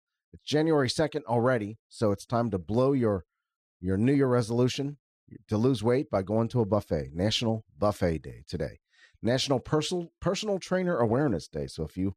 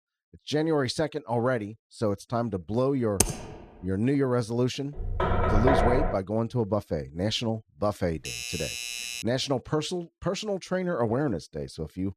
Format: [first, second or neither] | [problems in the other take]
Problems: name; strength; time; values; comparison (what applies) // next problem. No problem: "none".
first | keyboard typing; loud; at 3 s; peak 3 dB above the speech // door banging; loud; from 5 to 6 s; peak 5 dB above the speech // doorbell; noticeable; from 8 to 9 s; peak 3 dB below the speech